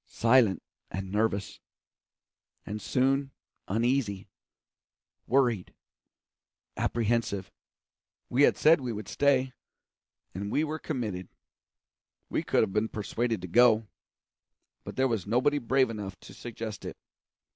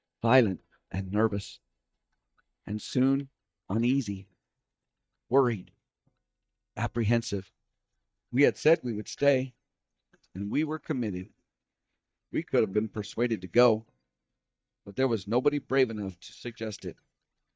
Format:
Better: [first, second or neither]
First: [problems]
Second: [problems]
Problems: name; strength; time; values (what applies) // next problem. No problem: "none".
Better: first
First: none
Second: noise reduction (neural mask model DeepFilterNet 3)